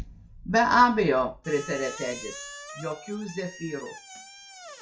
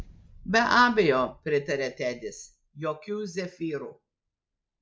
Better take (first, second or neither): second